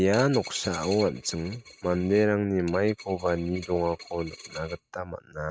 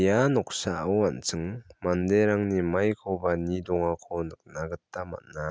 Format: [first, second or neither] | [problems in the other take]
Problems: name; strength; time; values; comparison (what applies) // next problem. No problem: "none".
second | noise reduction (neural mask model RNNoise)